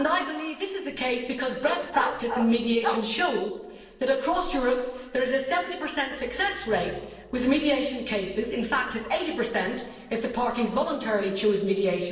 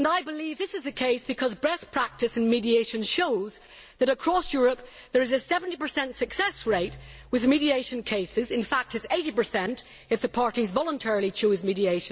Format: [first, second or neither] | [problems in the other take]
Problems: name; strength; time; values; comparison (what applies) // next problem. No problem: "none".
second | noise reduction (neural separator model SepFormer DNS4)